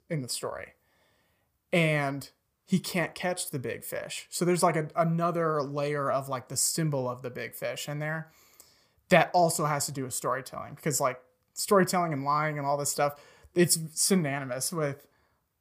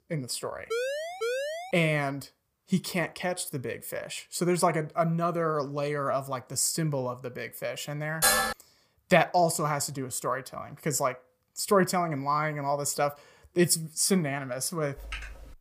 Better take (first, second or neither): first